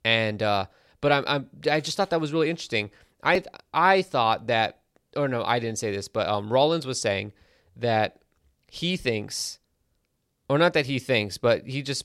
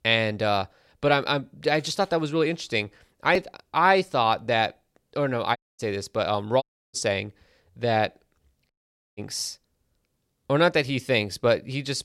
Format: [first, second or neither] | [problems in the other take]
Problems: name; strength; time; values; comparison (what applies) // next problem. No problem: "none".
first | audio cutting out; at 5.5 s, at 6.5 s and at 8.5 s